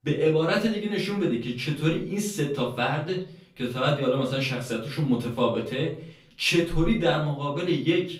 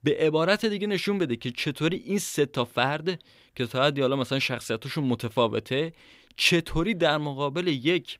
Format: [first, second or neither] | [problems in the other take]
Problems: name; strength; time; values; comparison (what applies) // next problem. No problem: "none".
second | off-mic speech; far // room echo; slight; dies away in 0.4 s